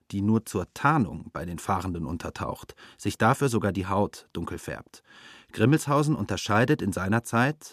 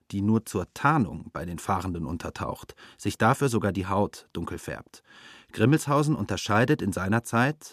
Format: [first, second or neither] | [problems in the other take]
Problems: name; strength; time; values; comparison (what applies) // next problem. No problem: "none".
neither | none